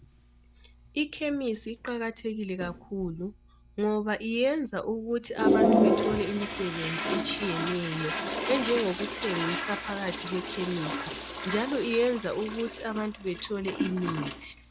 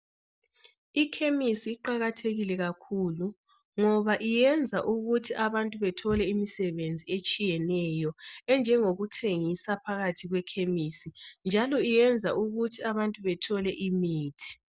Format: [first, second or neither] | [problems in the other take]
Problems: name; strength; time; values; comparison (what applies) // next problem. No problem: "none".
second | background sound (Toilet flush); 1 dB below the speech